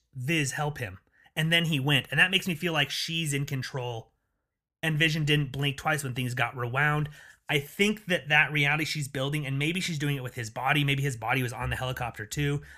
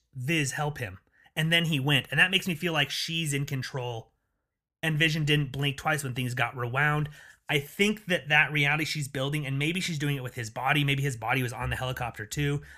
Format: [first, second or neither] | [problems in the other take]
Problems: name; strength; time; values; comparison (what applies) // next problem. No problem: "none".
neither | none